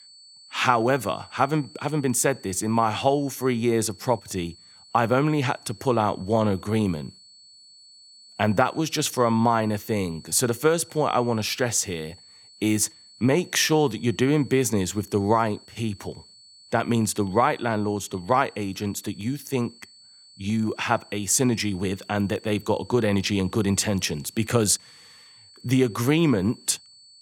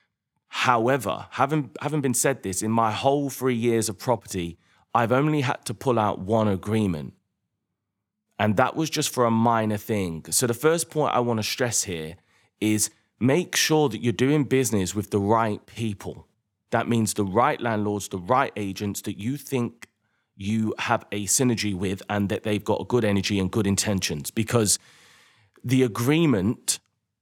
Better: second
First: high-pitched whine; faint; throughout; 4.5 kHz, 25 dB below the speech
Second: none

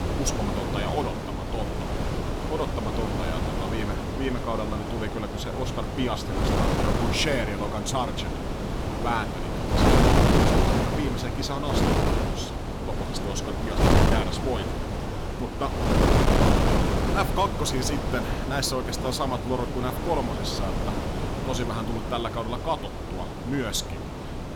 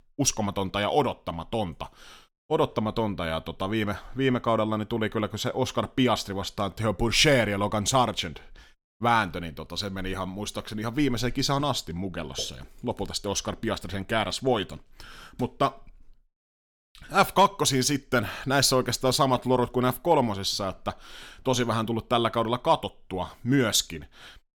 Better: second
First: wind noise on the microphone; heavy; 2 dB above the speech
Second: none

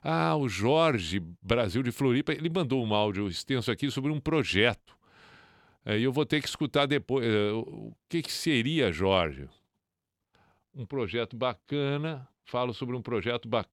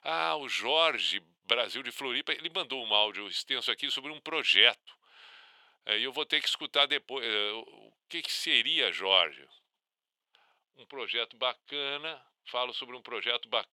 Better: first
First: none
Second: thin; very; fading below 700 Hz

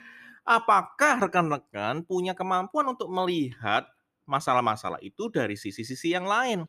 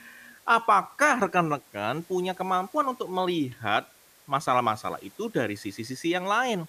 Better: first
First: none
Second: hiss; faint; throughout; 25 dB below the speech

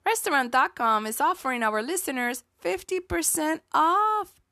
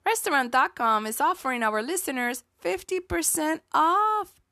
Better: neither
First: none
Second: none

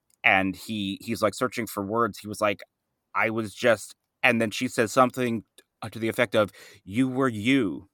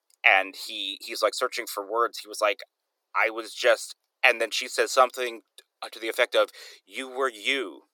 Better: first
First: none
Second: thin; very; fading below 400 Hz

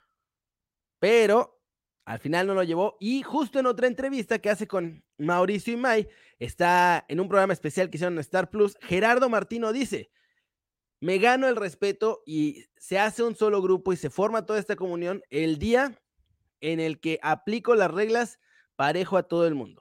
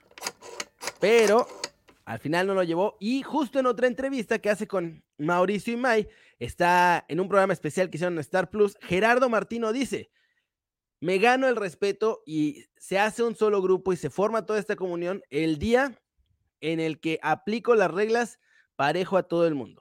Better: first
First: none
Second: phone ringing; noticeable; until 1.5 s; peak 9 dB below the speech

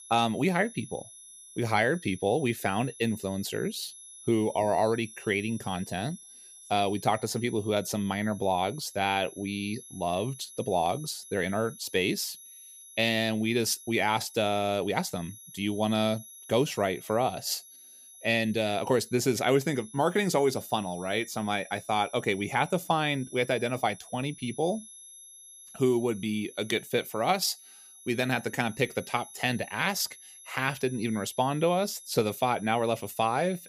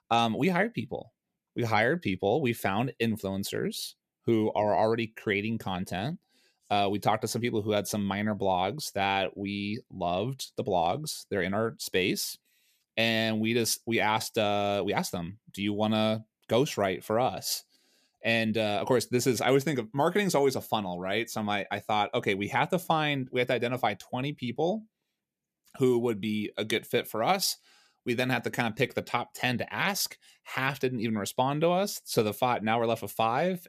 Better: second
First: high-pitched whine; noticeable; throughout; 11 kHz, 20 dB below the speech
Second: none

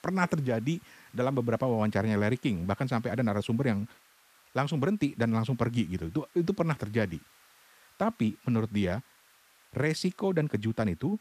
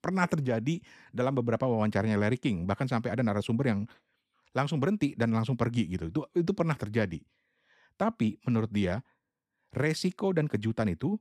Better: second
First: hiss; faint; throughout; 30 dB below the speech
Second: none

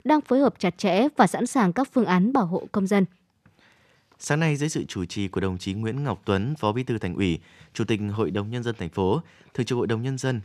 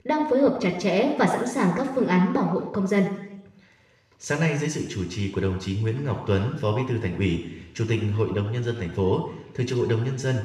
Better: first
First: none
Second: room echo; noticeable; dies away in 0.9 s // off-mic speech; somewhat distant

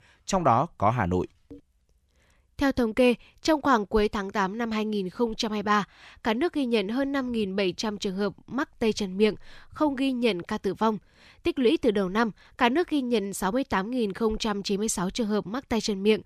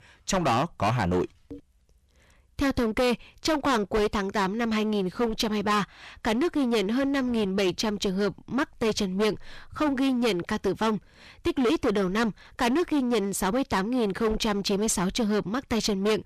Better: first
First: none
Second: distortion; heavy; 16% of the sound clipped

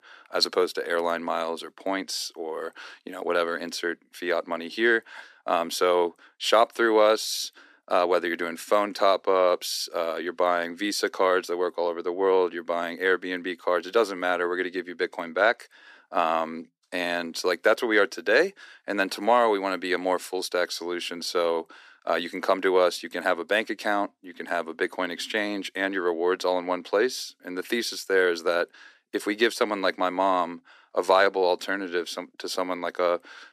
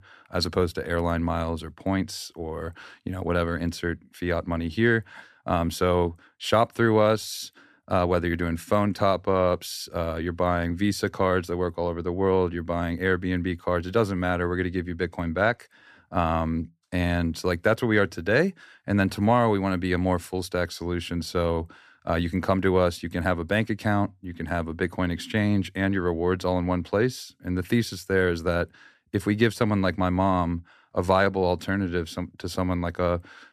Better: second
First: thin; somewhat; fading below 350 Hz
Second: none

